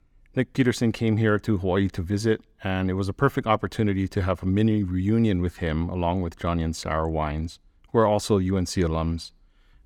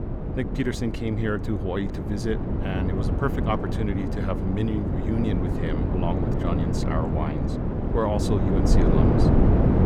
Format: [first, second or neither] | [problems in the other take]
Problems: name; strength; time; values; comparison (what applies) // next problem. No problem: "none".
first | wind noise on the microphone; heavy; as loud as the speech